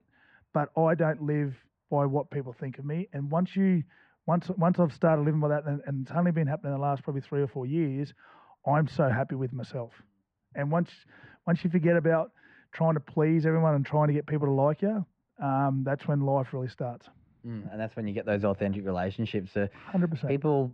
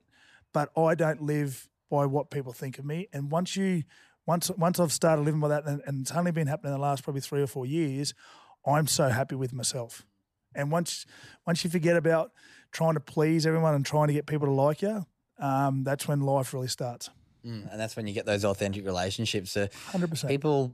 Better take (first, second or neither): second